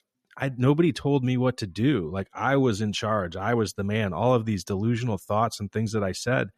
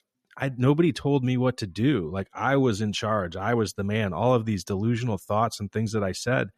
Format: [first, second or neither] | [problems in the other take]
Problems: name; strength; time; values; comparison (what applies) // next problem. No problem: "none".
neither | none